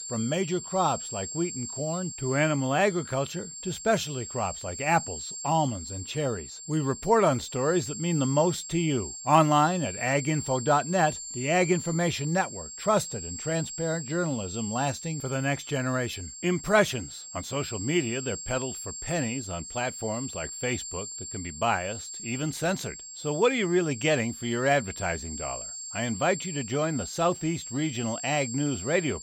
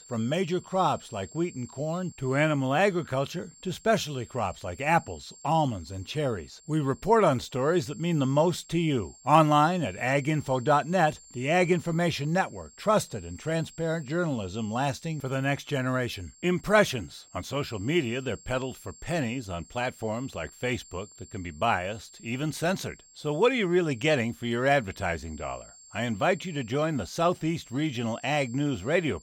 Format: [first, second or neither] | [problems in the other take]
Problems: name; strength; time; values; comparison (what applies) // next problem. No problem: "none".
second | high-pitched whine; loud; throughout; 7.5 kHz, 9 dB below the speech; faint in the second